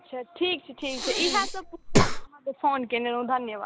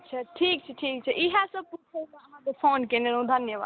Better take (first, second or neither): second